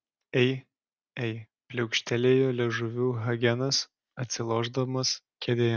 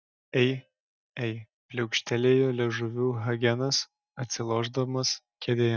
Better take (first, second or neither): first